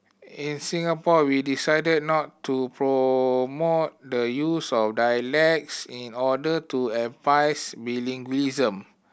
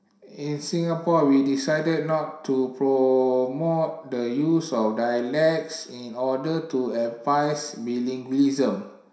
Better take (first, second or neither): first